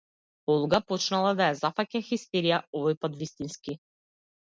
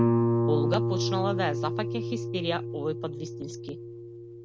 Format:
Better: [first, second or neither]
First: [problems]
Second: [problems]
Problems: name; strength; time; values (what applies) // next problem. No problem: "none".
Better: first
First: none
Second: background sound (Guitar); 4 dB above the speech